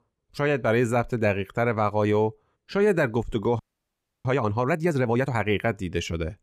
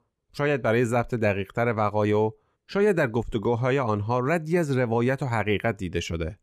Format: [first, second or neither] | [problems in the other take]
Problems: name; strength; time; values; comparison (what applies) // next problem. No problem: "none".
second | audio freezing; at 3.5 s for 0.5 s